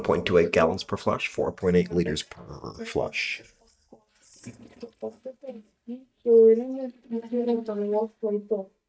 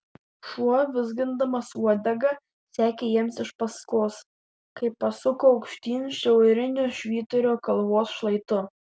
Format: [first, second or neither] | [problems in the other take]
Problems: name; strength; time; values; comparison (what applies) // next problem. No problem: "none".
second | noise reduction (neural mask model DeepFilterNet 3)